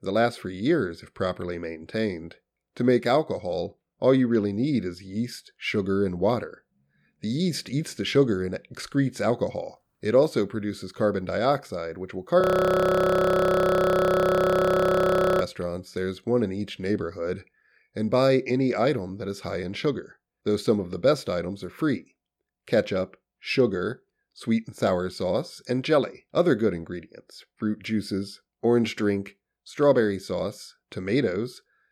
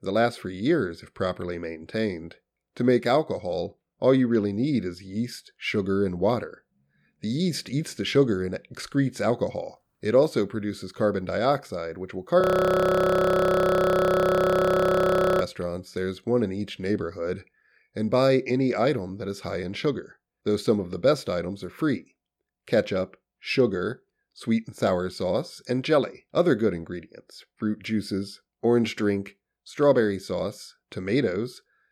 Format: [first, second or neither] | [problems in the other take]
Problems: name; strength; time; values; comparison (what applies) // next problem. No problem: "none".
neither | audio freezing; at 12 s for 3 s; the same in both